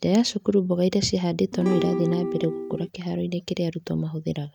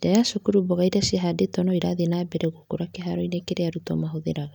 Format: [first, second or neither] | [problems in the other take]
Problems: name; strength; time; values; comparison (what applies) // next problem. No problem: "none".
second | noise reduction (neural mask model RNNoise)